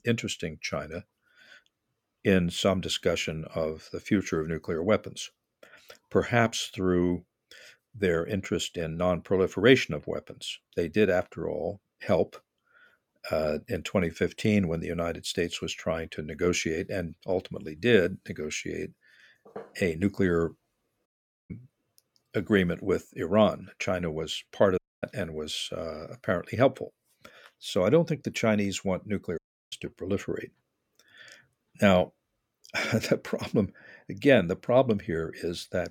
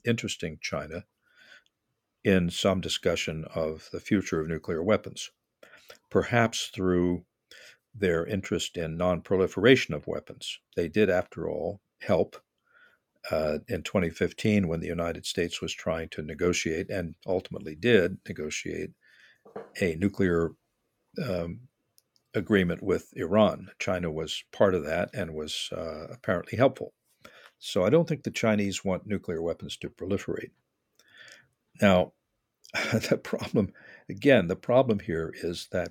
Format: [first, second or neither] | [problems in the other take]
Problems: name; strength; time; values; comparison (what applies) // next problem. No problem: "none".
second | audio cutting out; at 21 s, at 25 s and at 29 s